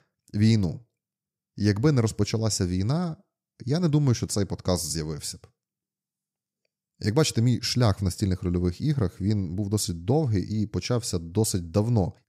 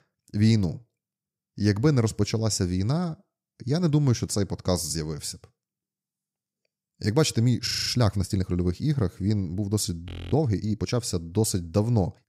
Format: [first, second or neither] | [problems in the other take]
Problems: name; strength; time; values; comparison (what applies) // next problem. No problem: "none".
first | audio freezing; at 7.5 s and at 10 s